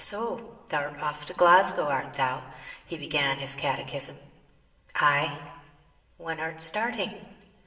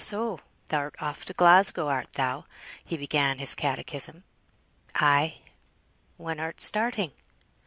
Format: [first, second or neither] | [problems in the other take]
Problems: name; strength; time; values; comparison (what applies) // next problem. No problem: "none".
second | room echo; dies away in 1.1 s